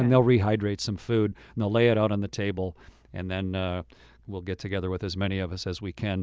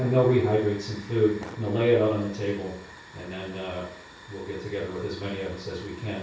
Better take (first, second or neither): first